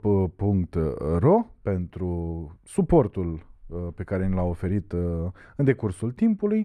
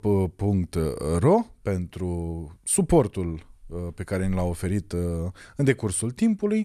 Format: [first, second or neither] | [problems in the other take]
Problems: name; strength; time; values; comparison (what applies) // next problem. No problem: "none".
second | muffled; very; fading above 3 kHz